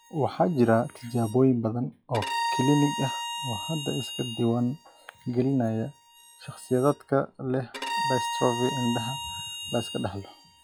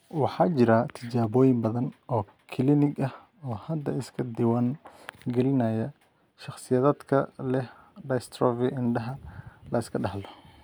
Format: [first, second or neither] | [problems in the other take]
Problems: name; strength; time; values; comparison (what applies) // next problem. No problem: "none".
second | noise reduction (classical method log-MMSE)